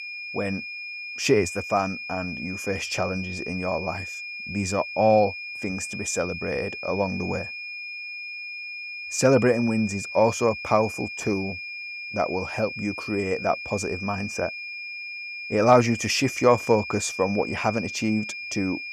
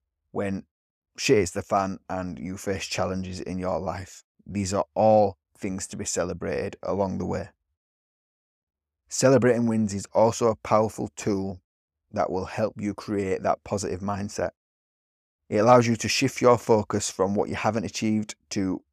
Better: second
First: high-pitched whine; loud; throughout; 2.5 kHz, 8 dB below the speech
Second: none

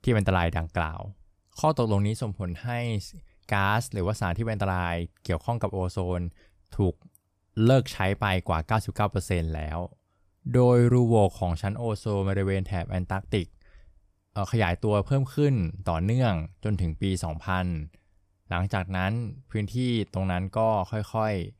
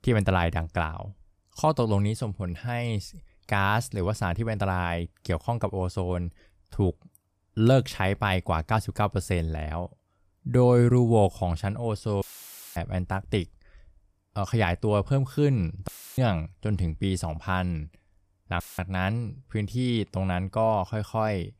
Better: first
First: none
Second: audio cutting out; filled with static; at 12 s for 0.5 s, at 16 s and at 19 s

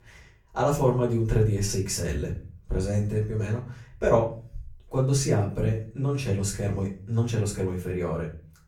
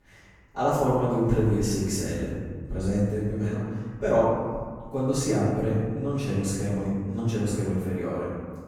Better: first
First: room echo; slight; dies away in 0.4 s // off-mic speech; far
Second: room echo; strong; dies away in 1.6 s // off-mic speech; far

